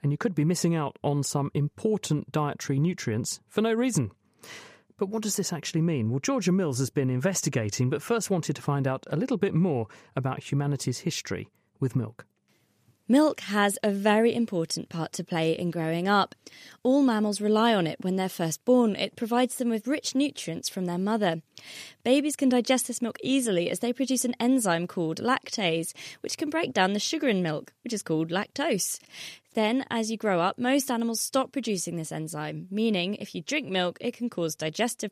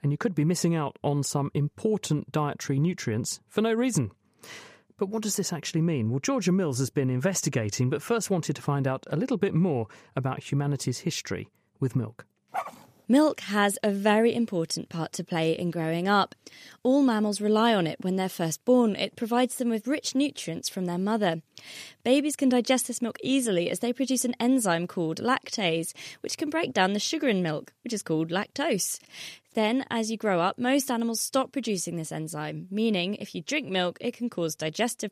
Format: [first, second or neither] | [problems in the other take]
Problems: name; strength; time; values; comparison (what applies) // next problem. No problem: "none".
first | dog barking; noticeable; at 13 s; peak 8 dB below the speech